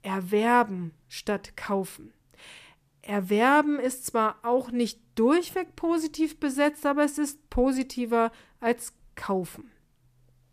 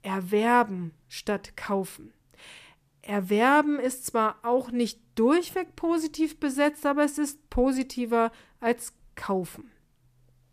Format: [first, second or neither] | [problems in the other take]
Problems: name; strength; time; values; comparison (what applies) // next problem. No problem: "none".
neither | none